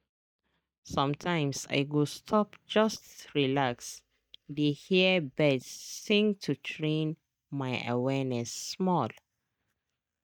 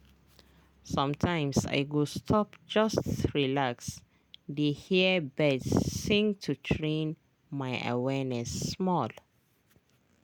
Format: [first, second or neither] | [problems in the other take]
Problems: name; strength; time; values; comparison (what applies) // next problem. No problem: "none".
second | noise reduction (neural mask model DeepFilterNet 3)